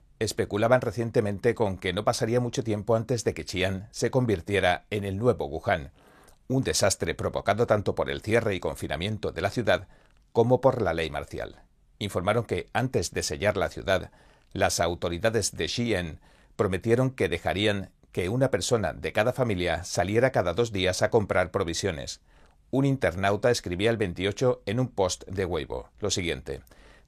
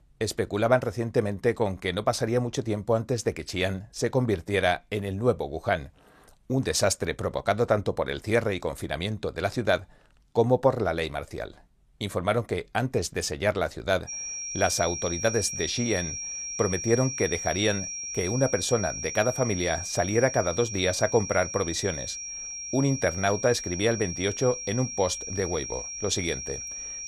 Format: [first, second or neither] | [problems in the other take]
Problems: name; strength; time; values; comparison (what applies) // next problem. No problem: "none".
first | high-pitched whine; loud; from 14 s on; 5.5 kHz, 6 dB below the speech